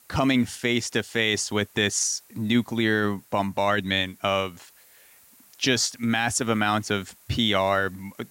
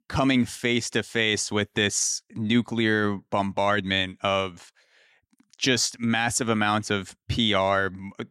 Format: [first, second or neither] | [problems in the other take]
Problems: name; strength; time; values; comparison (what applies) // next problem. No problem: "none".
second | hiss; faint; throughout; 30 dB below the speech